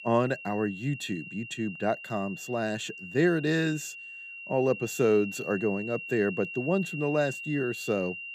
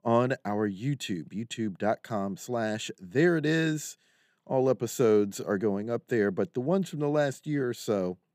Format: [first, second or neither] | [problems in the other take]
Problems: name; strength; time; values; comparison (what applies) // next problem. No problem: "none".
second | high-pitched whine; loud; throughout; 2.5 kHz, 10 dB below the speech